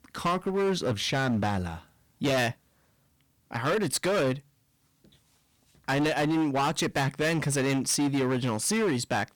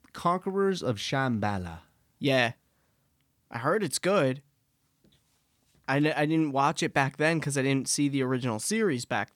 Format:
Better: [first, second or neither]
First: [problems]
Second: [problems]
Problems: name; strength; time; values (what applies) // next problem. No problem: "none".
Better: second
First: distortion; heavy; 16% of the sound clipped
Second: none